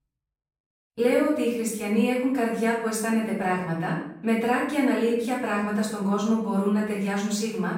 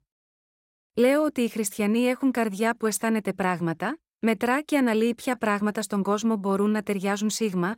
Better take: second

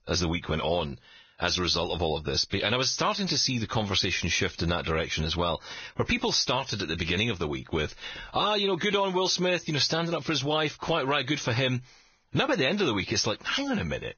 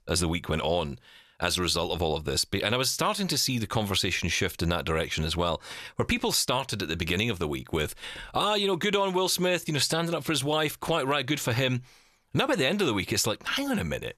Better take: second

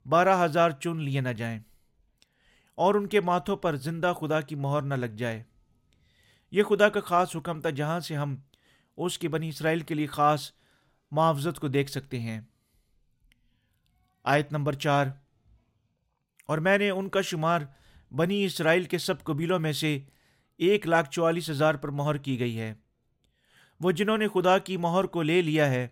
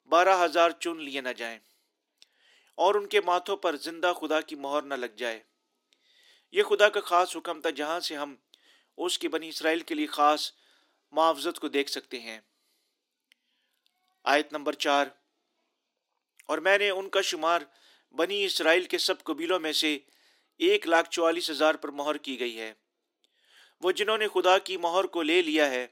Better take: first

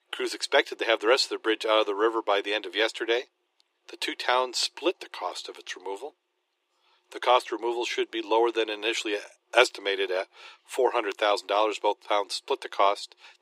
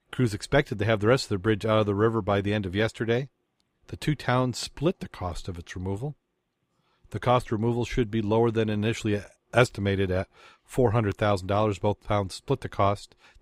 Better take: second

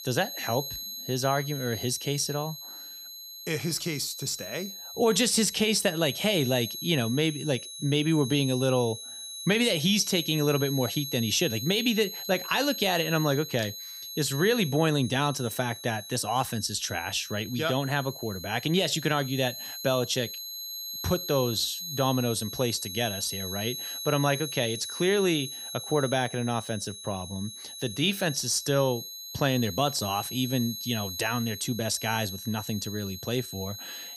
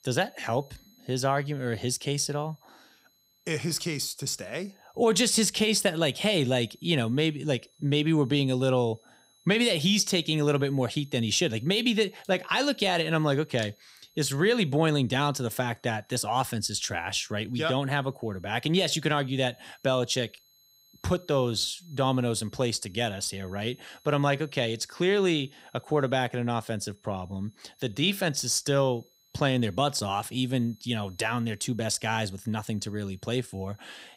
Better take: second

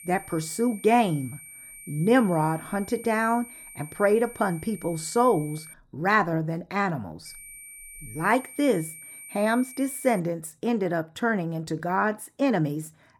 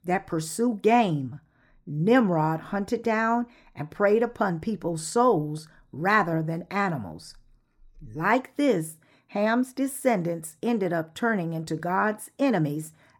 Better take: second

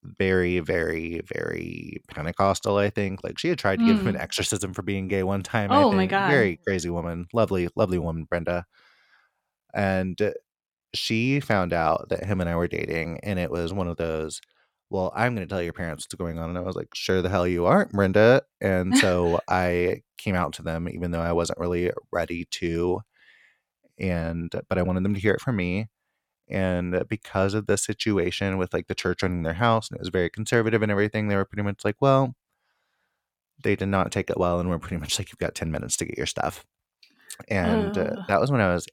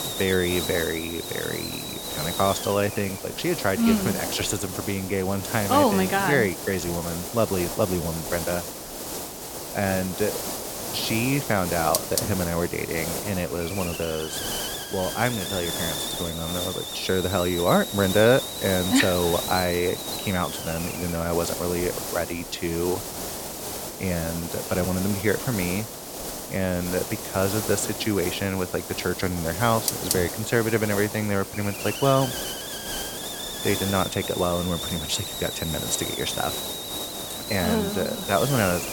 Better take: first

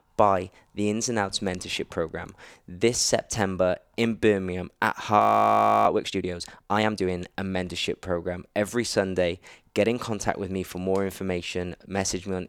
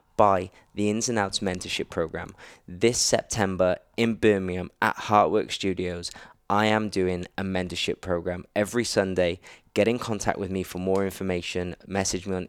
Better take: second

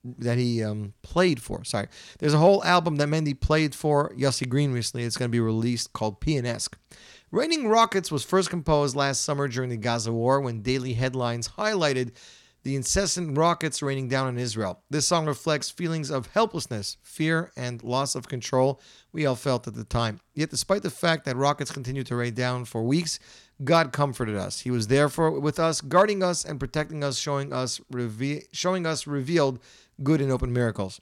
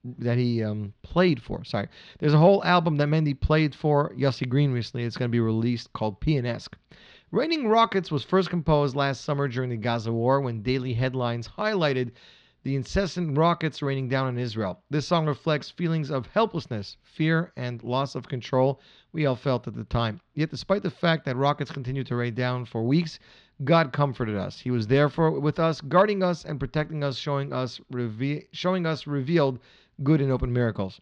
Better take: first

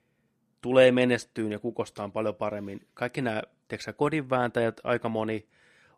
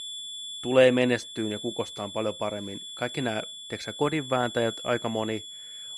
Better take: first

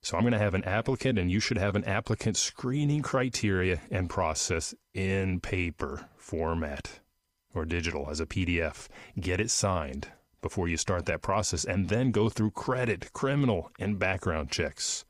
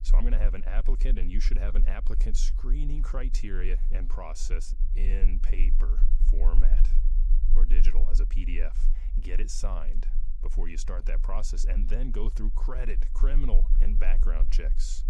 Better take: first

